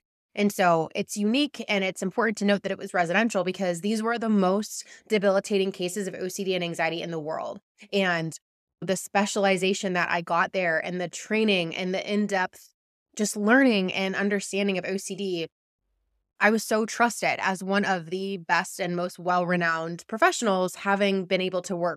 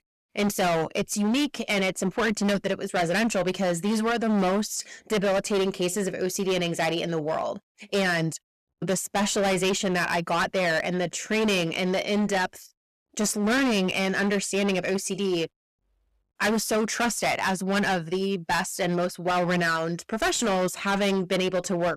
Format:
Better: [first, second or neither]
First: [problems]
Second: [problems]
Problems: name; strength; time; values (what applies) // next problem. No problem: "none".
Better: first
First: none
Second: distortion; heavy; 20% of the sound clipped